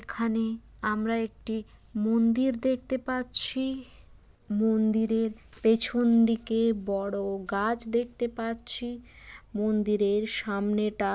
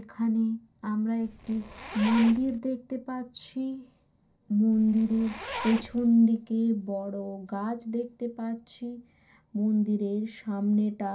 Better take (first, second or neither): first